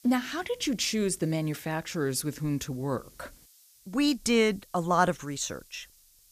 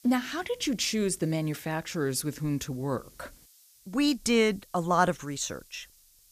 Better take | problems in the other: neither | hiss; faint; throughout; 25 dB below the speech; the same in both

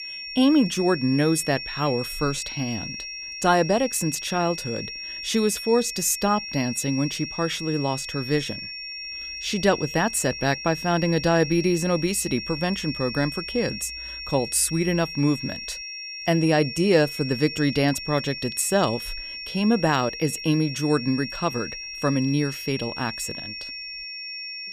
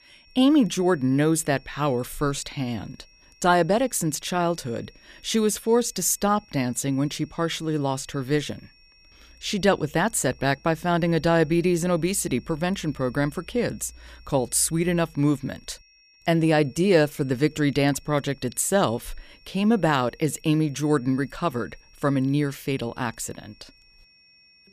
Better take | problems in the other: second | high-pitched whine; loud; throughout; 5.5 kHz, 8 dB below the speech; faint in the second

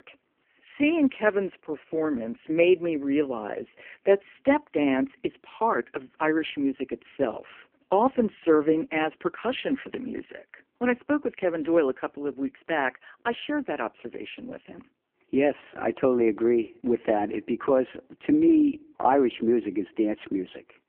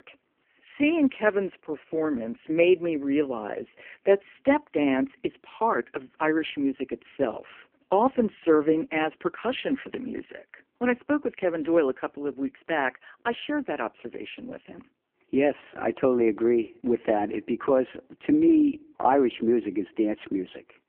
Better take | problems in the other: neither | phone-call audio; poor line; the same in both

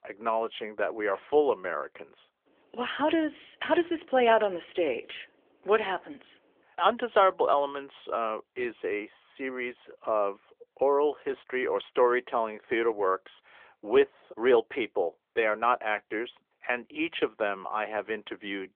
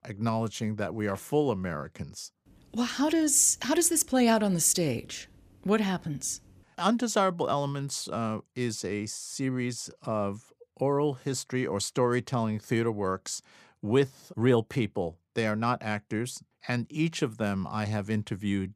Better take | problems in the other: second | phone-call audio; nothing above 3.5 kHz

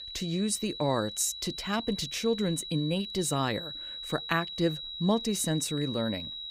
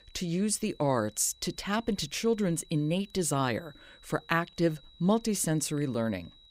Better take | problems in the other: second | high-pitched whine; loud; throughout; 4 kHz, 7 dB below the speech; faint in the second

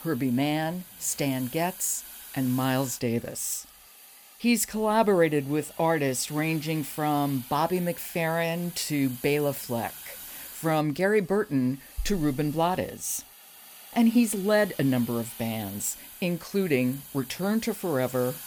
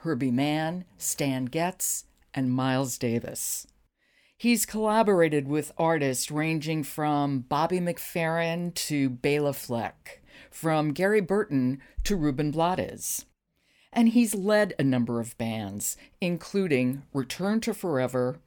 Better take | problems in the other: second | hiss; noticeable; throughout; 15 dB below the speech

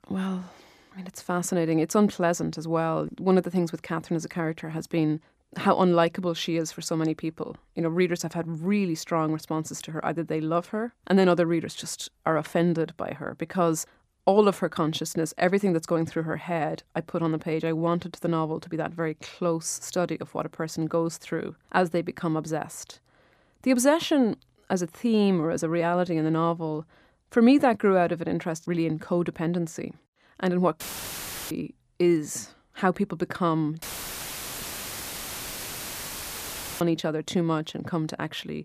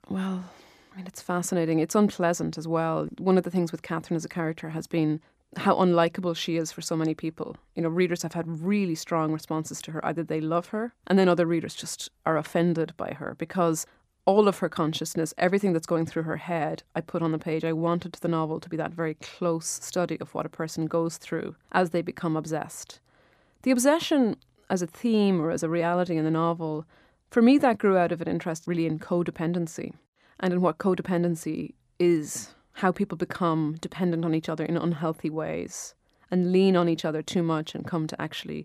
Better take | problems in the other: second | audio cutting out; filled with static; at 31 s for 0.5 s and at 34 s for 3 s

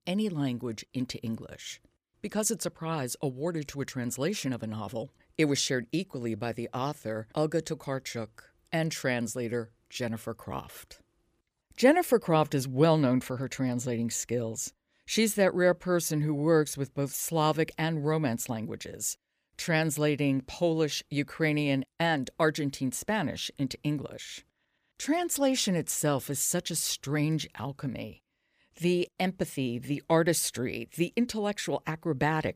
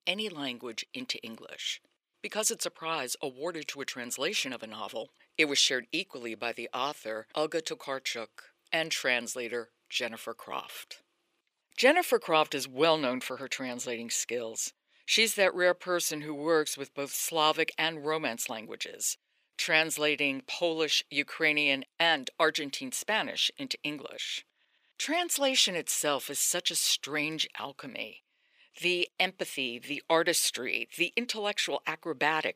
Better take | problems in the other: first | thin; somewhat; fading below 400 Hz

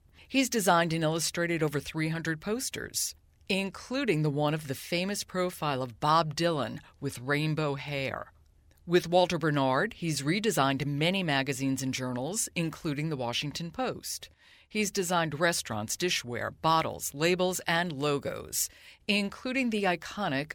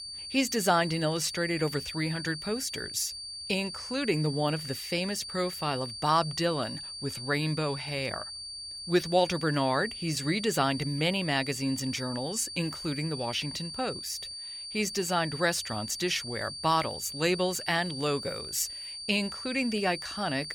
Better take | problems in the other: first | high-pitched whine; loud; throughout; 4.5 kHz, 7 dB below the speech

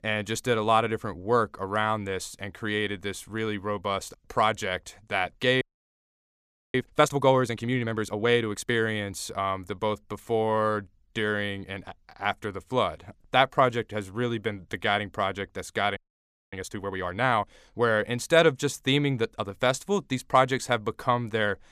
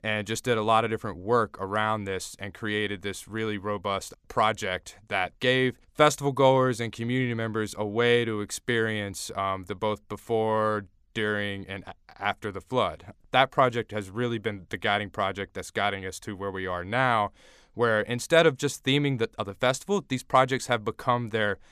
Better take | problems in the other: second | audio freezing; at 5.5 s for 1 s and at 16 s for 0.5 s

